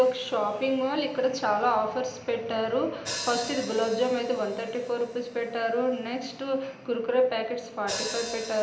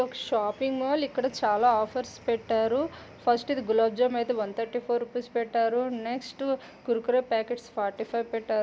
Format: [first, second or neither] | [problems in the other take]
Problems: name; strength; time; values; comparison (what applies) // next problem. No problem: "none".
second | background sound (Hi-hat); 14 dB below the speech // room echo; dies away in 0.8 s